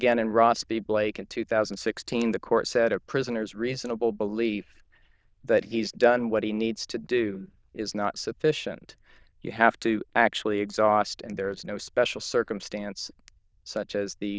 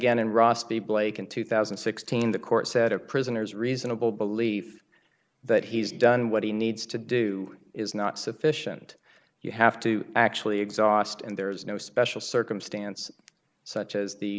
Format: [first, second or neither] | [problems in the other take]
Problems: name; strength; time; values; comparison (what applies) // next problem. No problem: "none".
second | noise reduction (neural diffusion model UNIVERSE++)